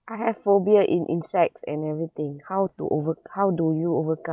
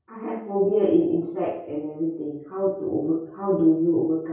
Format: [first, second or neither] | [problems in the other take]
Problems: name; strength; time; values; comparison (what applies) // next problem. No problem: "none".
first | room echo; dies away in 0.6 s